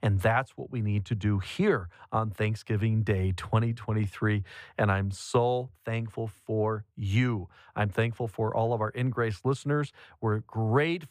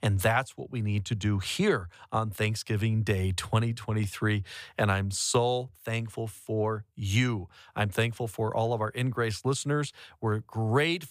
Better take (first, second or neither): second